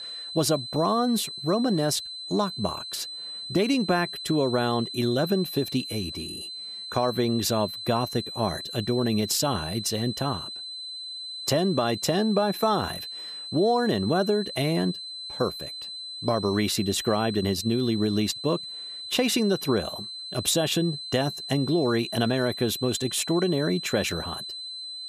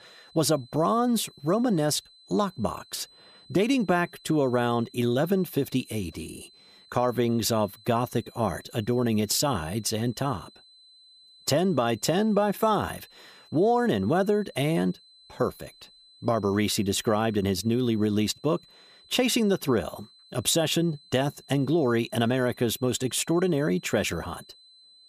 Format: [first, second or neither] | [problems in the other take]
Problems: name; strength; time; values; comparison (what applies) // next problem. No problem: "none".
second | high-pitched whine; loud; throughout; 4 kHz, 8 dB below the speech; faint in the second